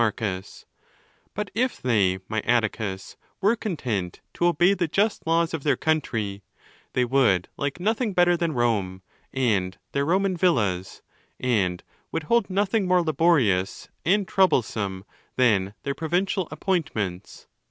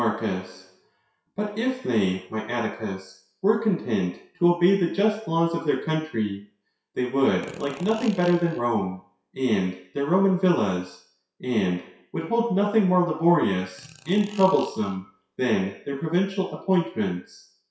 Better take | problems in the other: first | noise reduction (classical method WPE with log-MMSE)

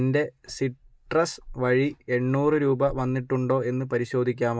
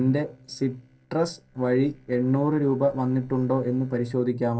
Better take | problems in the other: first | noise reduction (neural separator model SepFormer DNS4)

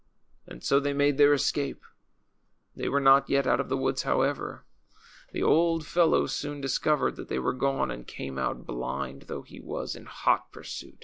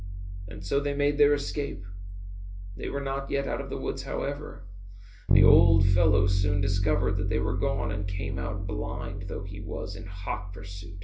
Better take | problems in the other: first | background sound (Bass guitar); 4 dB above the speech // room echo; dies away in 0.3 s

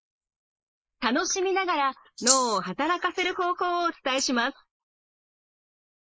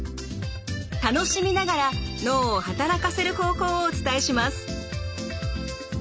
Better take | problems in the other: second | noise reduction (neural mask model Resemble Enhance denoiser)

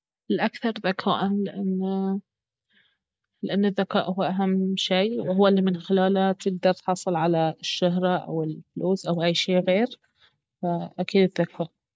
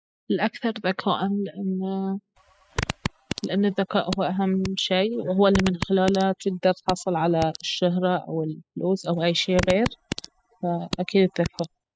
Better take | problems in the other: first | noise reduction (classical method spectral subtraction)

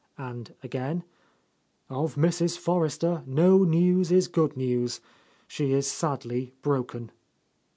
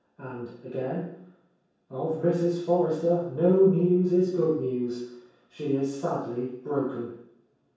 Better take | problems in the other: first | room echo; dies away in 0.7 s

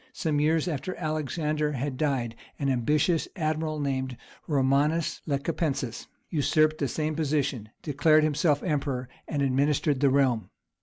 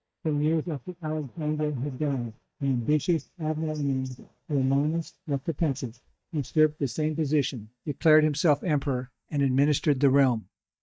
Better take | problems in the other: first | noise reduction (neural mask model DeepFilterNet 3)

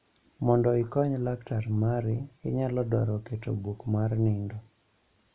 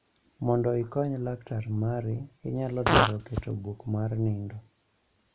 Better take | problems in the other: first | background sound (Fart); 2 dB above the speech

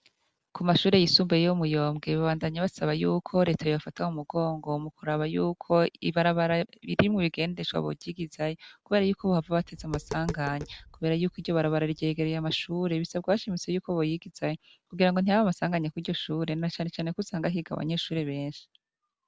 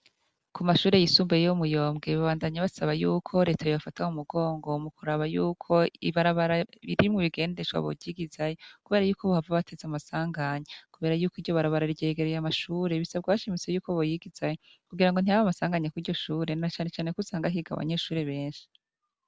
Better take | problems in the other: second | background sound (Tap); 16 dB below the speech

